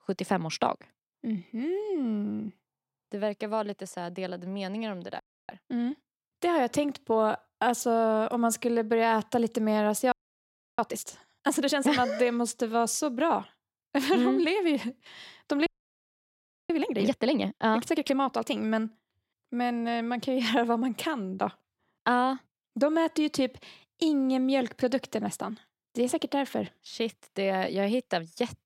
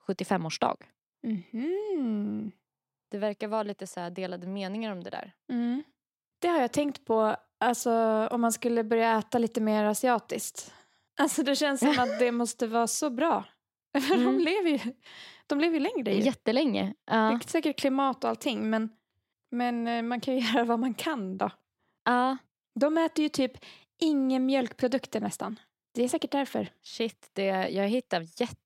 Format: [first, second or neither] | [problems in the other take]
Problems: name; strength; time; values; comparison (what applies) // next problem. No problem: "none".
second | audio freezing; at 5 s, at 10 s for 0.5 s and at 16 s for 1 s